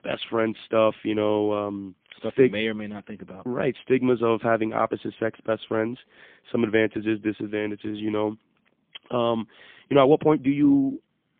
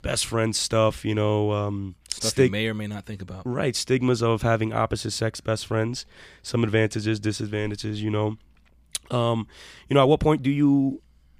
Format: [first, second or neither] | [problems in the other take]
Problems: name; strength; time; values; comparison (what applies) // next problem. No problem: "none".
second | phone-call audio; poor line; nothing above 3.5 kHz